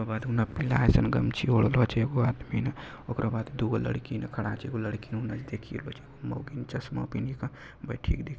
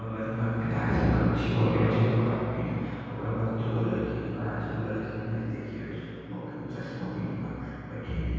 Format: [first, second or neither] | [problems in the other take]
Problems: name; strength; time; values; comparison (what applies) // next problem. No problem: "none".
first | room echo; dies away in 2.2 s